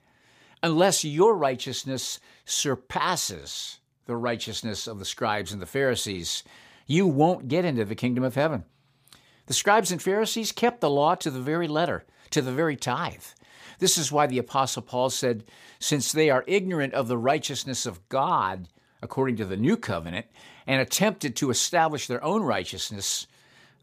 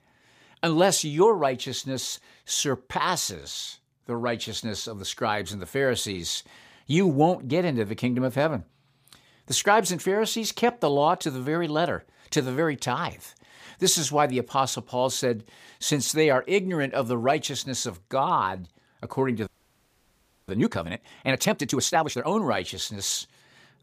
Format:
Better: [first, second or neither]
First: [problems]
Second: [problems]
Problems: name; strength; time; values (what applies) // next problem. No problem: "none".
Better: first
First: none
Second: audio freezing; at 19 s for 1 s